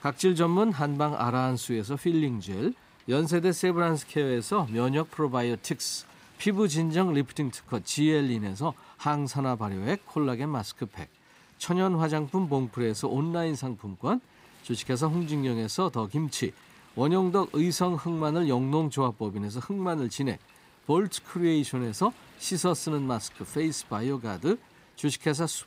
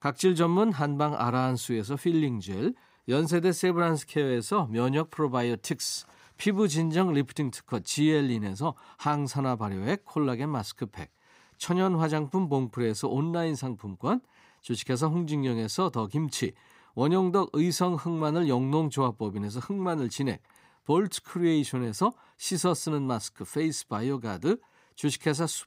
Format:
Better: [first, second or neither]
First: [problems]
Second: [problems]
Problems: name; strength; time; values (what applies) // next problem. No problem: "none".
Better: second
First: wind noise on the microphone; occasional gusts; 25 dB below the speech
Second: none